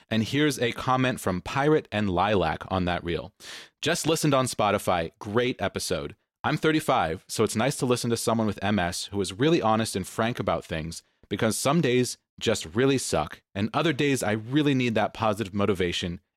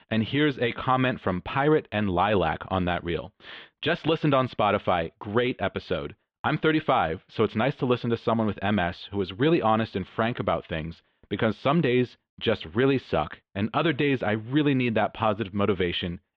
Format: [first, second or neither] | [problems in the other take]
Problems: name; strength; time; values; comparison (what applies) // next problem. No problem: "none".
first | muffled; very; fading above 3.5 kHz